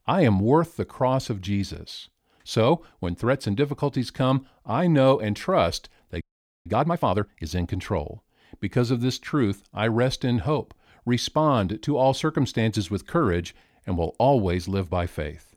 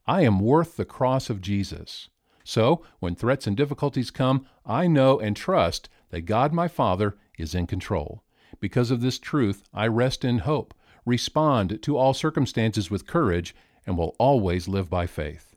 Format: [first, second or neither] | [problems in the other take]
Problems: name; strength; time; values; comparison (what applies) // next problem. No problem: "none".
second | audio freezing; at 6 s